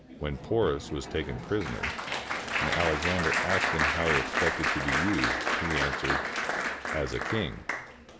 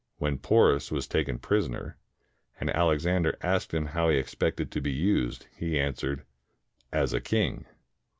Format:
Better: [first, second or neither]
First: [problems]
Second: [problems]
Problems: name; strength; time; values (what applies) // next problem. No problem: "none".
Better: second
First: background sound (Applause); 2 dB above the speech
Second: none